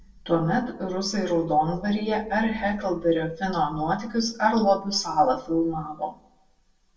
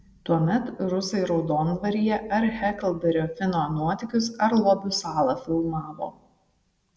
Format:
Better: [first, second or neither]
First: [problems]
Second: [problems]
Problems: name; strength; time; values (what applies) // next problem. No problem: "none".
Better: second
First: room echo; dies away in 0.2 s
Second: none